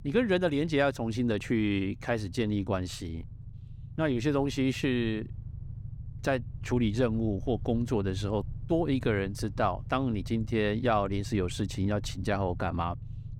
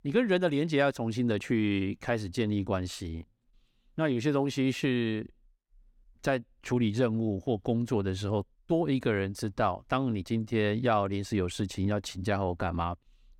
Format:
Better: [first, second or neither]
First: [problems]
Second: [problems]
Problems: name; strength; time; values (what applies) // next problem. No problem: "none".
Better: second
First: low rumble; faint; throughout; 25 dB below the speech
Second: none